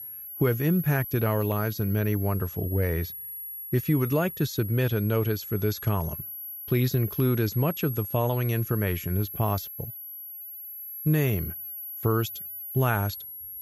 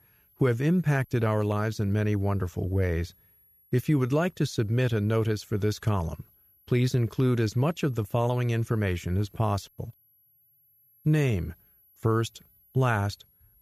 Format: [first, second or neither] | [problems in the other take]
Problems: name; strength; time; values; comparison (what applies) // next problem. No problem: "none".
second | high-pitched whine; loud; throughout; 11.5 kHz, 9 dB below the speech; faint in the second